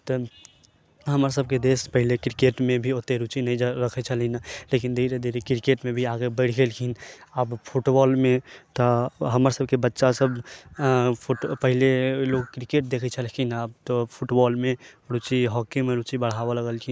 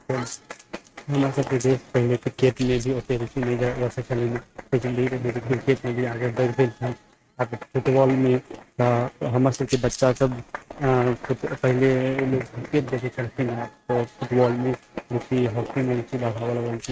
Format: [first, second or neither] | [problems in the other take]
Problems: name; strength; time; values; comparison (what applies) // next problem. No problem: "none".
first | noise reduction (neural mask model RNNoise)